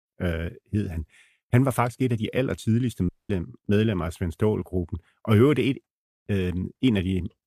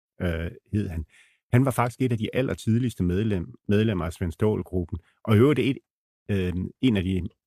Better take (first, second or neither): second